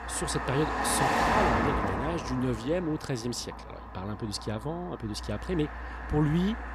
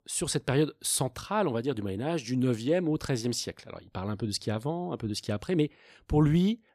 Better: second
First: traffic noise; very loud; throughout; 1 dB above the speech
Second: none

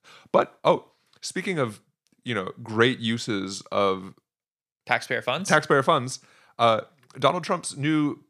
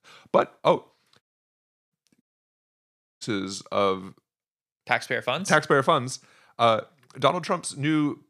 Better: first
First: none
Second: audio cutting out; at 1 s for 0.5 s and at 2 s for 1 s

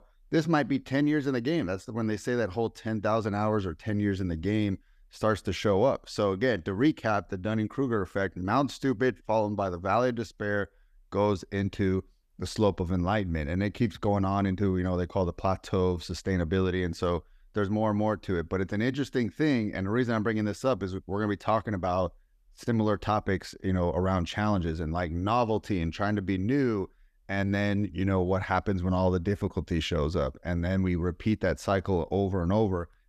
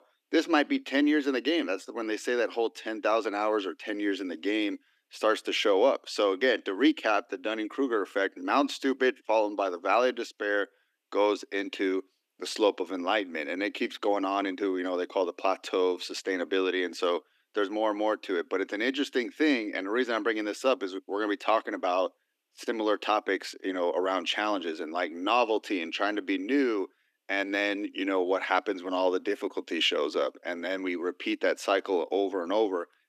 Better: first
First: none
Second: thin; very slightly; fading below 300 Hz

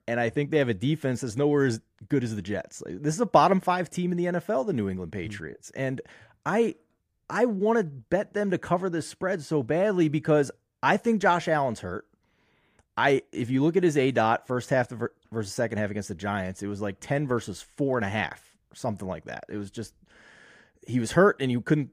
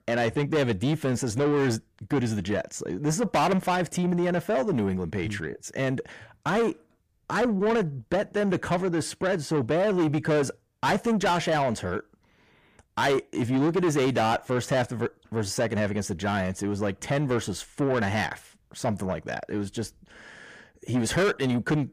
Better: first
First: none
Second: distortion; heavy; 7 dB below the speech

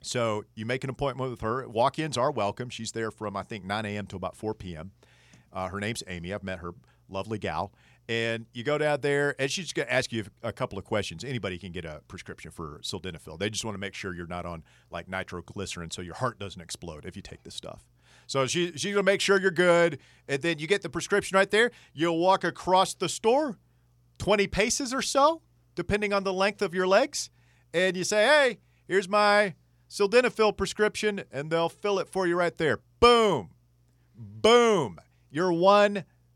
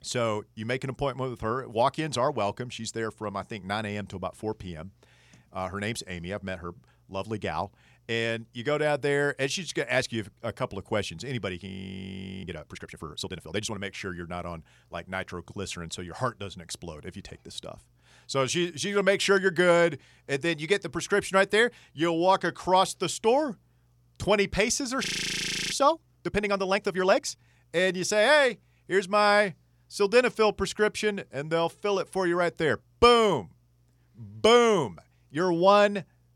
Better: first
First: none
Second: audio freezing; at 12 s for 1 s and at 25 s for 0.5 s

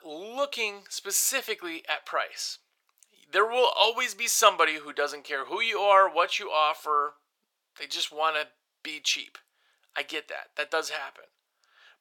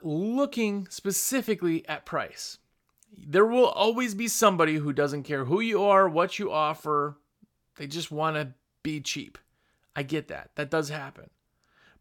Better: second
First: thin; very; fading below 600 Hz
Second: none

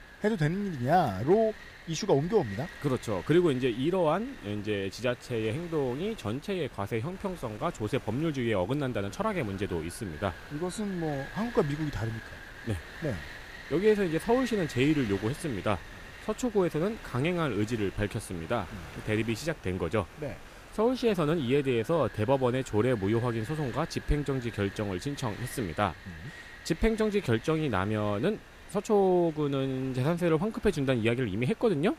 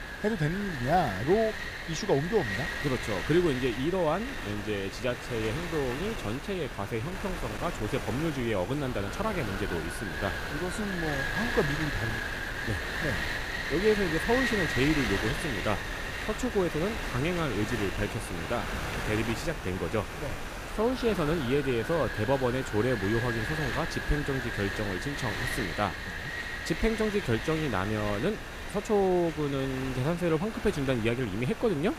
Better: first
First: wind noise on the microphone; occasional gusts; 15 dB below the speech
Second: wind noise on the microphone; heavy; 2 dB below the speech

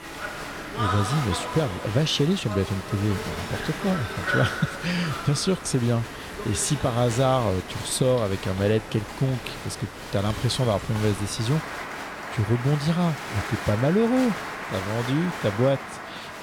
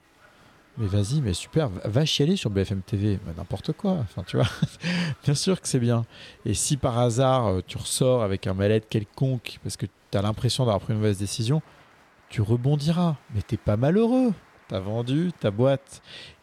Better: second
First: crowd noise; loud; throughout; 7 dB below the speech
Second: crowd noise; faint; throughout; 30 dB below the speech

